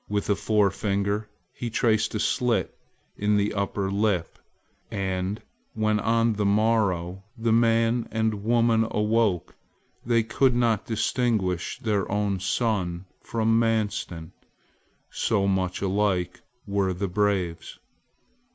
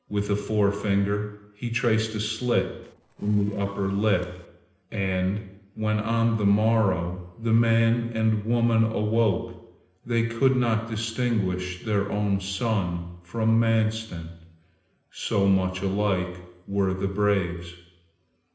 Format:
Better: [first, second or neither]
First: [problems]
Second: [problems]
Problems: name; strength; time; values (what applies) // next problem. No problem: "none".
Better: first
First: none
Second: noise reduction (neural separator model SepFormer DNS4)